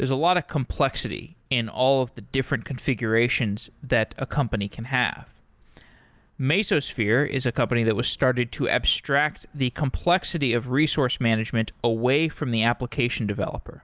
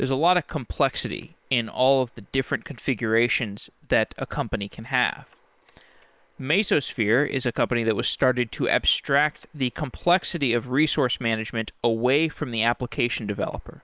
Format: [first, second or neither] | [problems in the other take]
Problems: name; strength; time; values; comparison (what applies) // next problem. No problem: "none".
first | noise reduction (neural separator model SepFormer WHAM!)